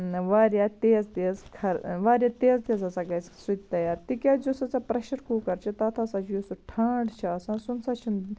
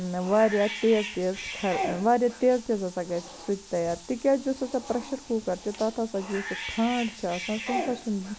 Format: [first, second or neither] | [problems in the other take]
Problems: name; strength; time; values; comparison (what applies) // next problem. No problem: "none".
first | background sound (Bathtub (filling or washing) / Cat); 11 dB below the speech